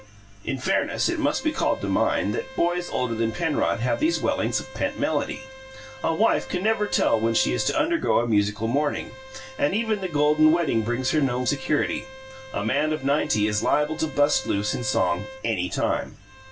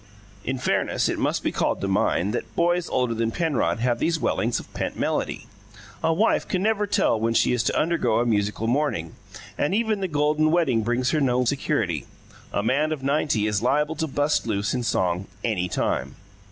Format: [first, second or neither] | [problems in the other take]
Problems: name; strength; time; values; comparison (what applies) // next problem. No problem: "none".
second | background sound (Bowed string instrument); 17 dB below the speech // room echo; dies away in 0.2 s